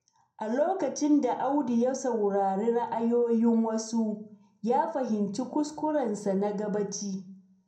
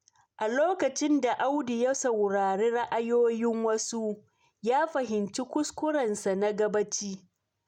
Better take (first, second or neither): second